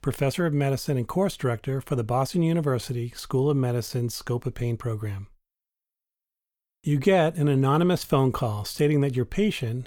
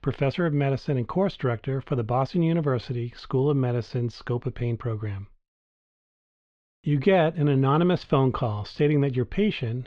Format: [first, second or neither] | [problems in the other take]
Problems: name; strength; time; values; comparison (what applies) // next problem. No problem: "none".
first | muffled; slightly; fading above 4 kHz